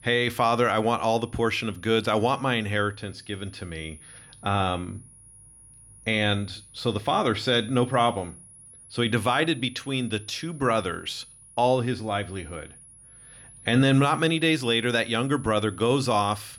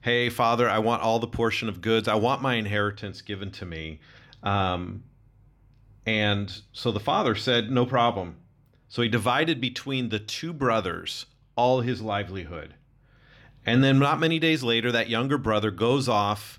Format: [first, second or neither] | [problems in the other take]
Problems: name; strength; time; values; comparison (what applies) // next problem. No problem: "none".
second | high-pitched whine; faint; throughout; 10.5 kHz, 20 dB below the speech